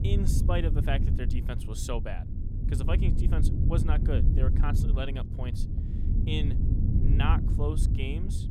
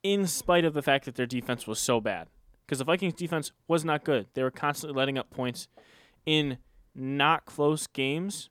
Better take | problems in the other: second | low rumble; loud; throughout; 4 dB below the speech

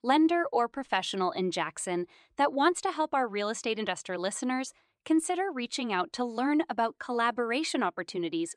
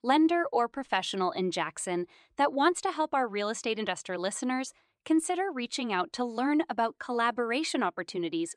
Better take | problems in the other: neither | none

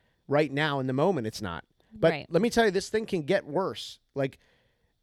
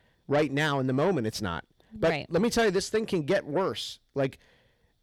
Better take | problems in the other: first | distortion; slight; 10 dB below the speech

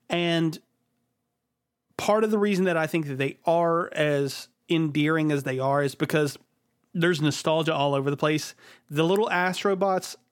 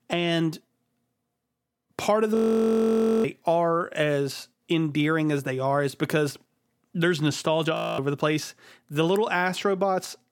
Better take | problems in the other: first | audio freezing; at 2.5 s for 1 s and at 8 s

